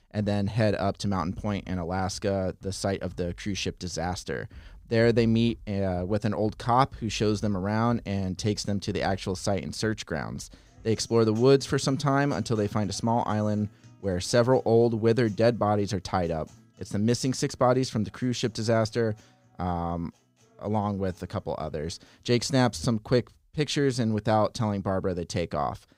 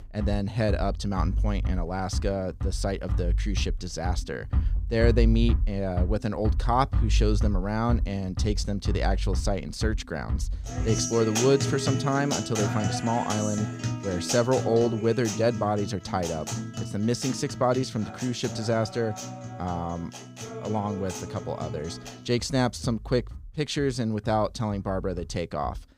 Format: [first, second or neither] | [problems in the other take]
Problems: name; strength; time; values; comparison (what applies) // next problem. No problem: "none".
first | background music; loud; throughout; 3 dB below the speech; faint in the first